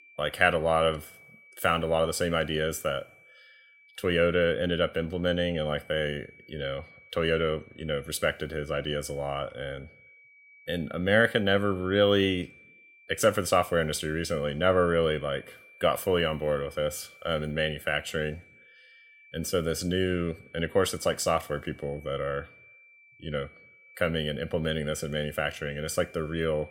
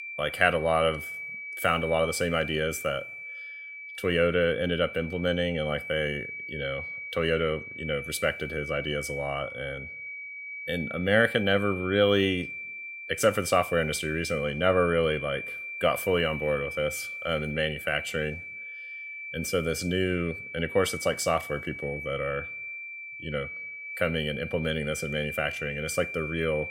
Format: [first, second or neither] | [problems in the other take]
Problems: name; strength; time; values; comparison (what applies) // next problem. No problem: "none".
first | high-pitched whine; loud; throughout; 2.5 kHz, 8 dB below the speech; faint in the first